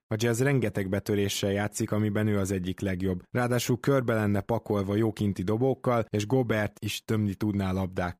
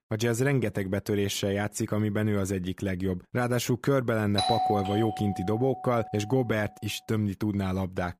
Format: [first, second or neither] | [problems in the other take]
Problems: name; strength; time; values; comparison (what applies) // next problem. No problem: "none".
first | doorbell; loud; from 4.5 to 6 s; peak 2 dB above the speech